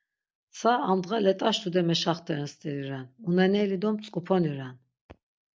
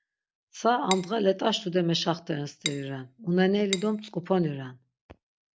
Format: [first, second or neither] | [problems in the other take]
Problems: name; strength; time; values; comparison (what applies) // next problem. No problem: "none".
first | background sound (Cutlery, silverware / Dishes, pots, and pans); 9 dB below the speech